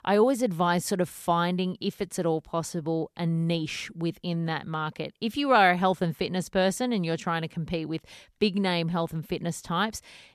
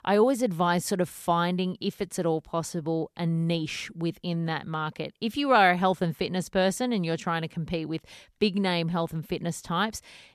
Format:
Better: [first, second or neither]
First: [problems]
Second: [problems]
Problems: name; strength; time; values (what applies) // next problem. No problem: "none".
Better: neither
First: none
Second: none